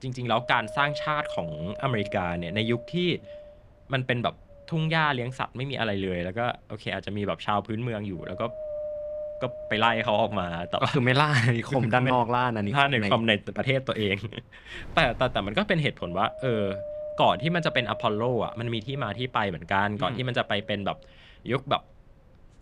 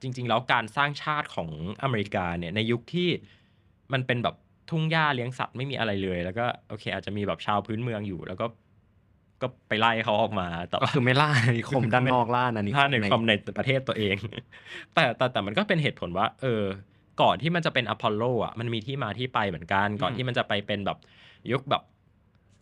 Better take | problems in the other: second | wind noise on the microphone; occasional gusts; 10 dB below the speech

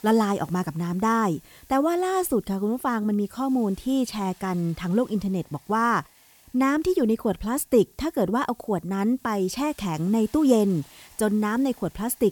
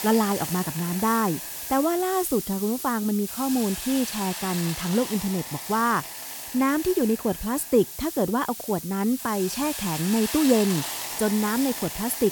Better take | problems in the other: first | hiss; loud; throughout; 6 dB below the speech; faint in the first

